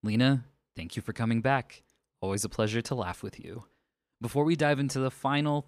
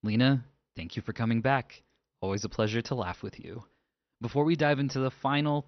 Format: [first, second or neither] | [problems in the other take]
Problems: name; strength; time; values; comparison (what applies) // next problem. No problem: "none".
first | garbled, watery; slightly; nothing above 6 kHz